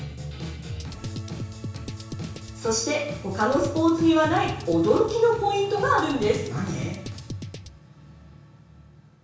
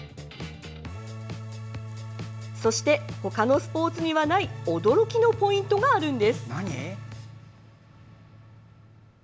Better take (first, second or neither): second